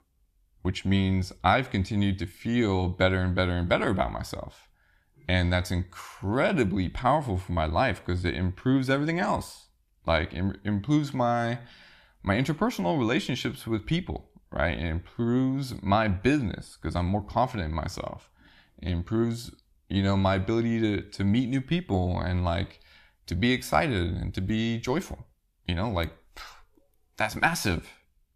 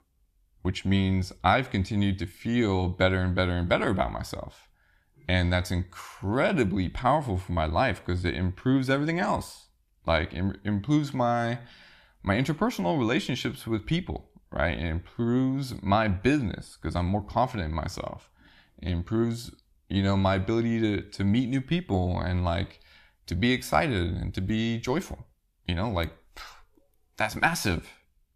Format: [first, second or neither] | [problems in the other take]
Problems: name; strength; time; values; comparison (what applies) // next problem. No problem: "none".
neither | none